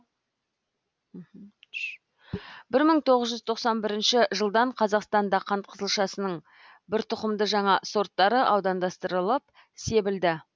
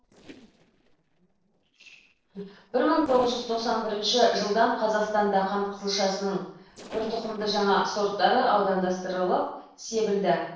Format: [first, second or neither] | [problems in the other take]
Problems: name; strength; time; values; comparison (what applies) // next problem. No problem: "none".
first | noise reduction (neural separator model SepFormer DNS4)